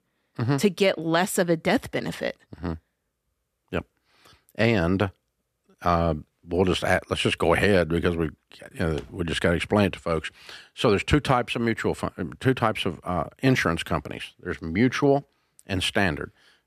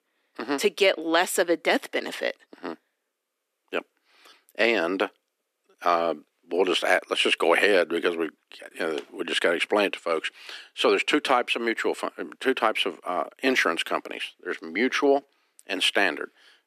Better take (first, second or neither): first